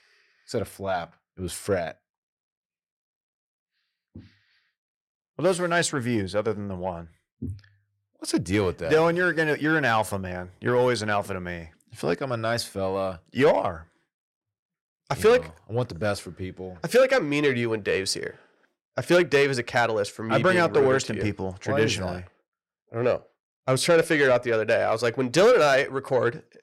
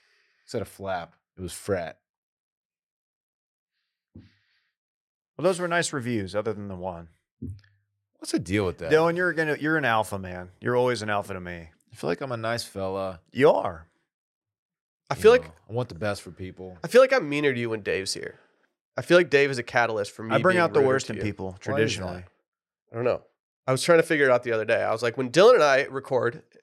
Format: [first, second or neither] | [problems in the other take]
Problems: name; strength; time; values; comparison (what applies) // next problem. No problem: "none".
second | distortion; slight; 10 dB below the speech